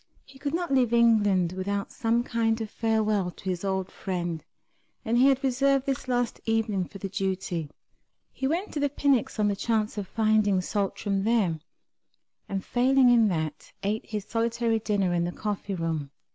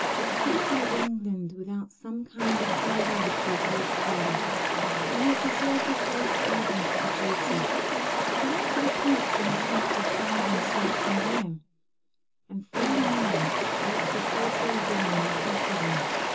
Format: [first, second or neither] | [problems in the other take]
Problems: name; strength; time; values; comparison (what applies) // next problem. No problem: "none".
first | background sound (Stream); 5 dB above the speech // room echo; dies away in 0.2 s